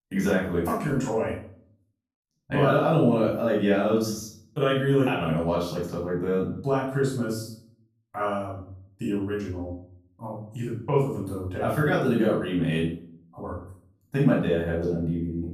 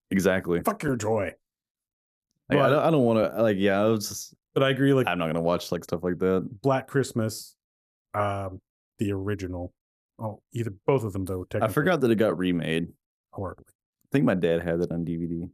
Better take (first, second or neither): second